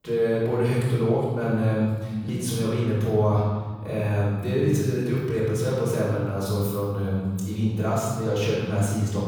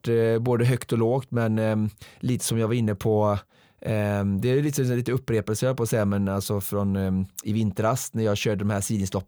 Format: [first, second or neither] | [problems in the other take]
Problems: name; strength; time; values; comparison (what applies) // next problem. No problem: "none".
second | off-mic speech; far // room echo; strong; dies away in 1.4 s